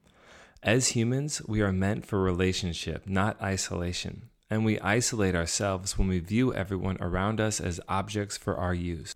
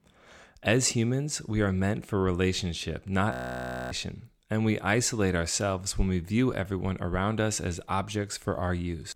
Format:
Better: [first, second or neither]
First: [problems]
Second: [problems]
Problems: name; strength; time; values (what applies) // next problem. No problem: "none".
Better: first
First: none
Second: audio freezing; at 3.5 s for 0.5 s